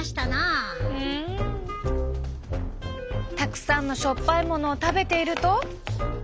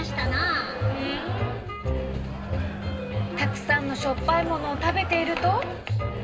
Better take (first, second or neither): first